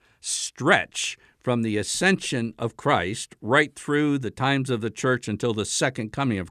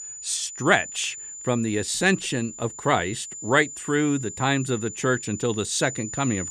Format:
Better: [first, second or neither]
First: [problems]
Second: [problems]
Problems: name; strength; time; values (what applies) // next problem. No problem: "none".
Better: first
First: none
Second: high-pitched whine; noticeable; throughout; 7 kHz, 10 dB below the speech